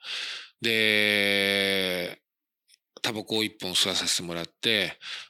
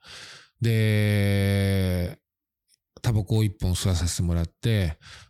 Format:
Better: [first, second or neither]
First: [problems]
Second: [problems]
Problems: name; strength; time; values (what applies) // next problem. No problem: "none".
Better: second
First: thin; very; fading below 250 Hz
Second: none